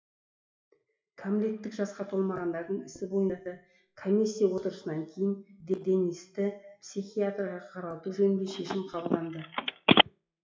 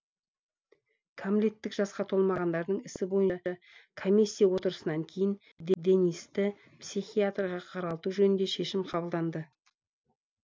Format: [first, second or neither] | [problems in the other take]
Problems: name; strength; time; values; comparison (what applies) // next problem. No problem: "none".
second | noise reduction (classical method WPE with log-MMSE)